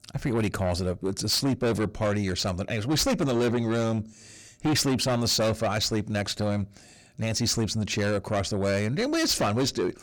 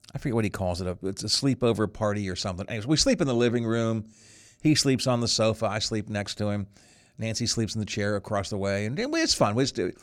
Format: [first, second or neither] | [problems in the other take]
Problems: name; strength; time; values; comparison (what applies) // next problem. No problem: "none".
second | distortion; heavy; 8 dB below the speech